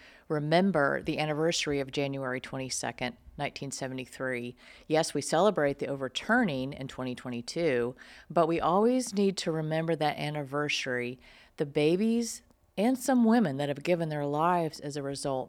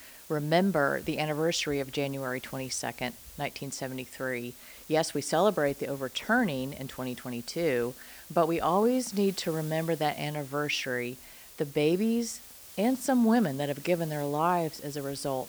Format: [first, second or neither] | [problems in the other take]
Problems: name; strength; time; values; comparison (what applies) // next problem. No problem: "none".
first | hiss; noticeable; throughout; 15 dB below the speech